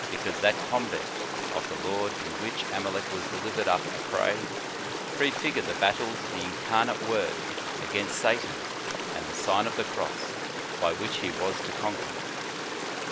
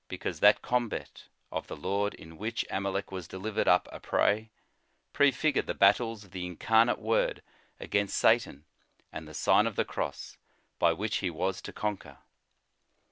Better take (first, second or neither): second